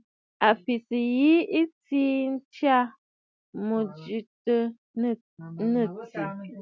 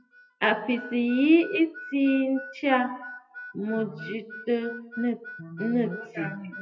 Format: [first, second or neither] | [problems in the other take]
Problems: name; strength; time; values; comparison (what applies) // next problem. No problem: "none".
first | noise reduction (classical method WPE with log-MMSE)